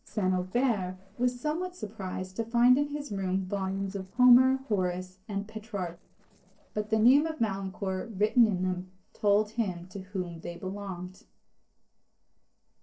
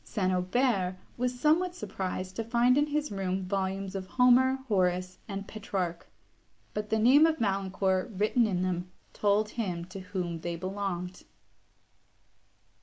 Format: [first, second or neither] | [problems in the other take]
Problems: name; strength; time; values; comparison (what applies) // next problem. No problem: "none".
second | noise reduction (neural separator model SepFormer DNS4)